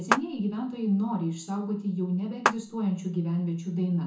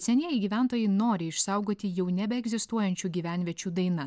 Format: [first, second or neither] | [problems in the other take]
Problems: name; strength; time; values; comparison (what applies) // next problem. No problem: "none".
second | background sound (Clapping); 1 dB above the speech // room echo; dies away in 0.7 s